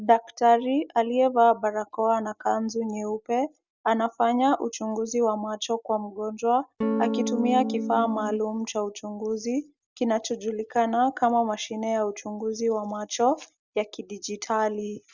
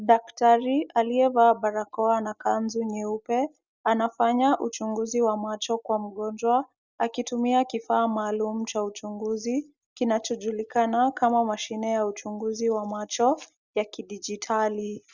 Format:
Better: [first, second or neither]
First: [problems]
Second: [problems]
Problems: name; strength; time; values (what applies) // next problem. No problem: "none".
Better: second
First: background sound (Electric guitar / Strum); 3 dB below the speech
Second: none